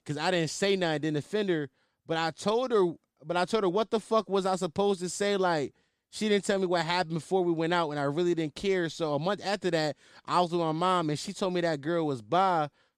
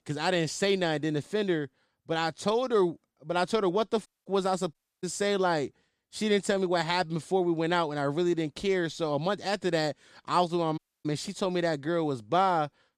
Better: first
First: none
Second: audio cutting out; at 4 s, at 4.5 s and at 11 s

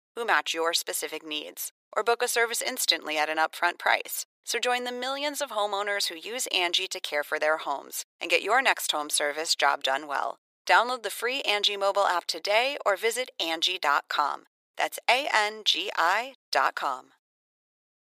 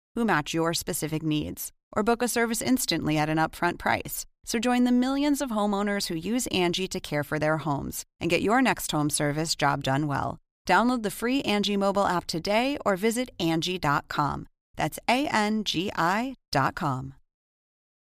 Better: second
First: thin; very; fading below 450 Hz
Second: none

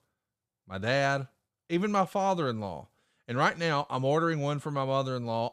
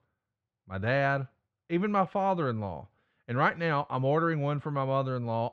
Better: first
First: none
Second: muffled; slightly; fading above 2 kHz

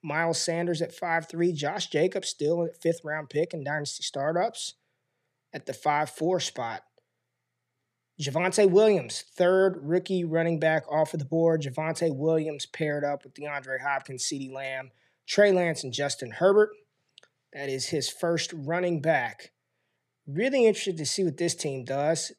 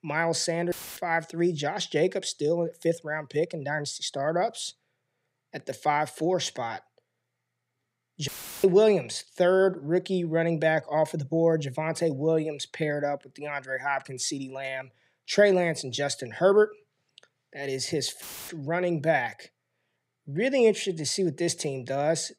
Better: first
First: none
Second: audio cutting out; filled with static; at 0.5 s, at 8.5 s and at 18 s

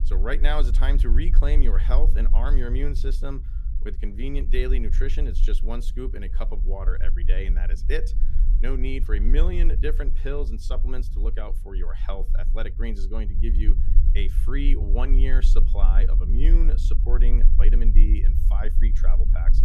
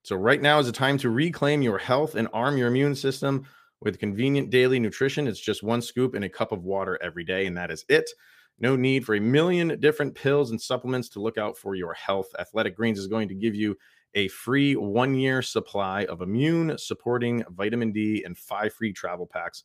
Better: second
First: low rumble; noticeable; throughout; 10 dB below the speech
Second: none

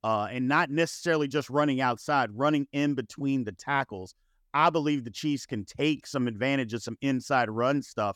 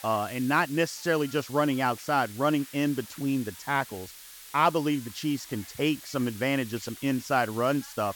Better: first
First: none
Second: hiss; noticeable; throughout; 15 dB below the speech

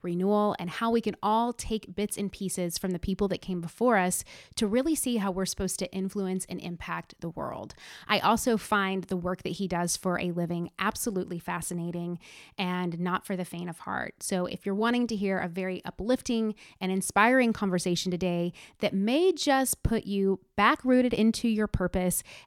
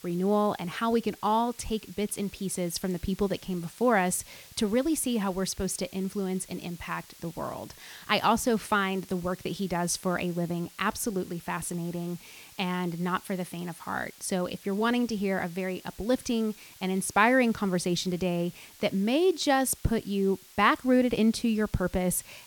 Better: first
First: none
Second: hiss; faint; throughout; 20 dB below the speech

